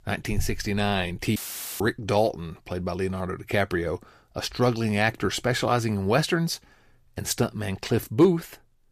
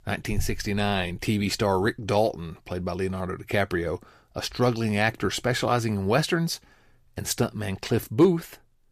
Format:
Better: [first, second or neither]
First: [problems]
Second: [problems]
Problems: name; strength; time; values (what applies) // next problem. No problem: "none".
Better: second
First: audio cutting out; filled with static; at 1.5 s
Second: none